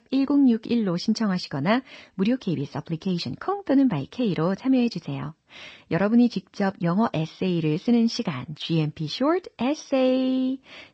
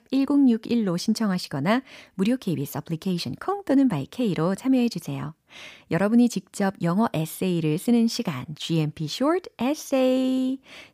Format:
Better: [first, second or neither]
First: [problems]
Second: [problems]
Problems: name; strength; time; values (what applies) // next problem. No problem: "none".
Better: second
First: garbled, watery; slightly; nothing above 8 kHz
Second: none